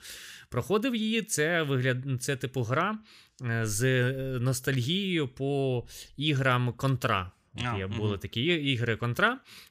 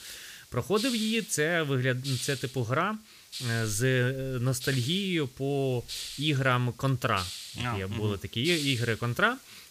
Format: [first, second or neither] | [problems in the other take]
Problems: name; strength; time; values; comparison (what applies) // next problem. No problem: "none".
first | hiss; loud; throughout; 10 dB below the speech